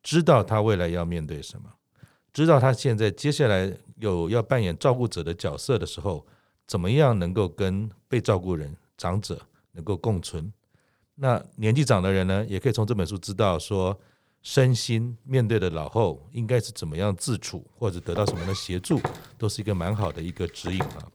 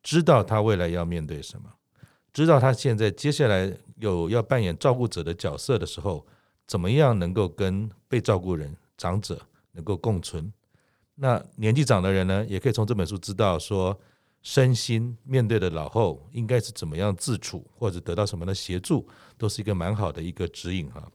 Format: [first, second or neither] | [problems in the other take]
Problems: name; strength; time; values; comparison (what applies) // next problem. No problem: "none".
second | footsteps; noticeable; from 18 s on; peak 7 dB below the speech